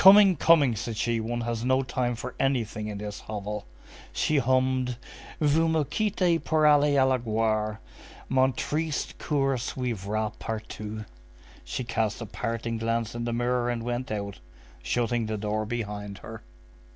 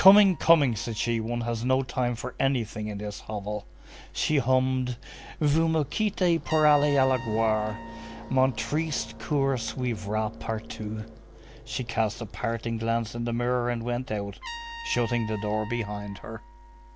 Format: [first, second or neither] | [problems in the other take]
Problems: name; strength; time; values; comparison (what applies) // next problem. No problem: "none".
first | background sound (Trumpet + Car passing by); 18 dB below the speech